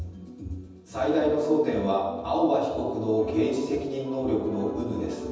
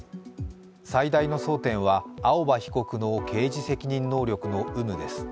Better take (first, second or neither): second